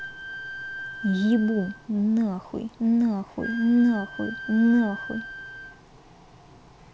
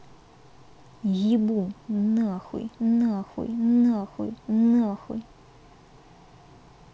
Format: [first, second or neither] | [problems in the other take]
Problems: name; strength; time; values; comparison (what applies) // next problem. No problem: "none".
second | background sound (Wind instrument, woodwind instrument); 14 dB below the speech